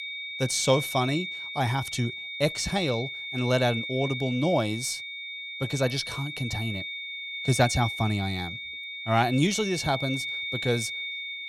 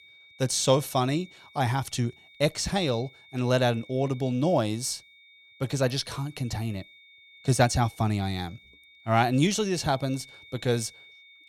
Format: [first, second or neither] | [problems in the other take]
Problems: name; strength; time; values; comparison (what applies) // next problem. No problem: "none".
second | high-pitched whine; loud; throughout; 2 kHz, 5 dB below the speech; faint in the second